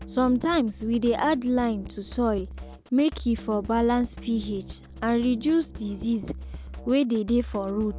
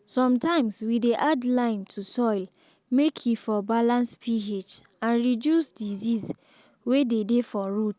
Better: second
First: background sound (Drum kit); 14 dB below the speech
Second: none

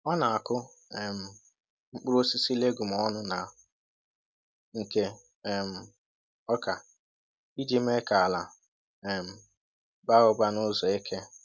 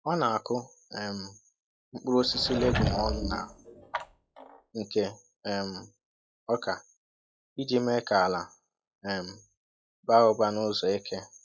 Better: first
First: none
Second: noise reduction (classical method log-MMSE)

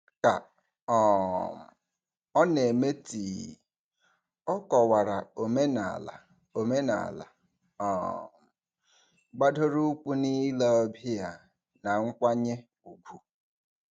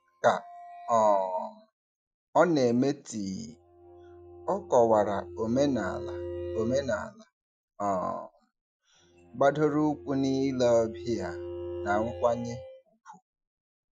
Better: first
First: none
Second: noise reduction (classical method Wiener filter)

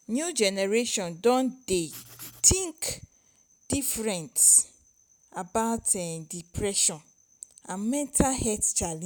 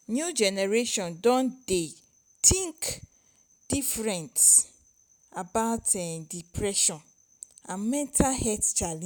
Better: second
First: background sound (Writing); 19 dB below the speech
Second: none

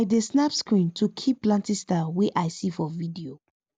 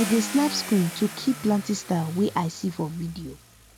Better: first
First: none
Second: background sound (Car); 12 dB below the speech

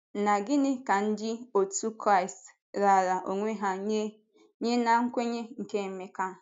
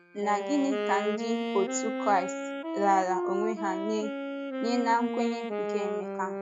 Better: first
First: none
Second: noise reduction (classical method log-MMSE)

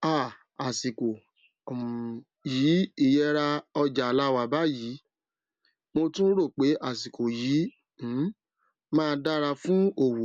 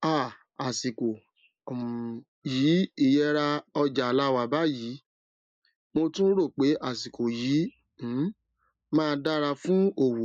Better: first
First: none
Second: noise reduction (neural mask model Resemble Enhance denoiser)

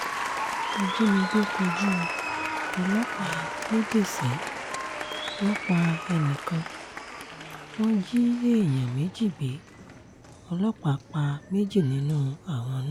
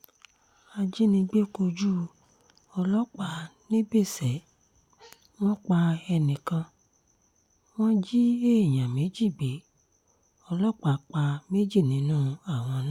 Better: second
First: background sound (Applause); 7 dB below the speech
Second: none

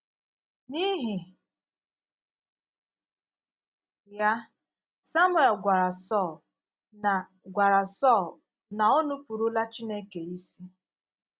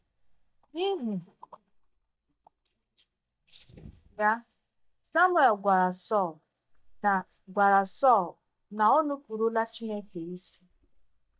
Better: first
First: none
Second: noise reduction (neural mask model DeepFilterNet 3)

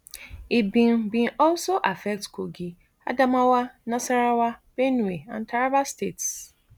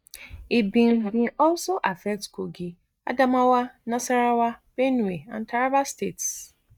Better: first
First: none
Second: noise reduction (neural mask model DeepFilterNet 3)

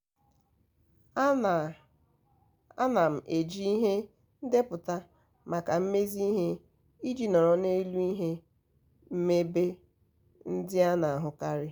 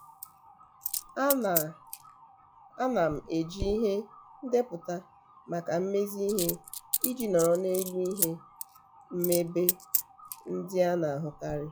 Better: first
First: none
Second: noise reduction (classical method log-MMSE)

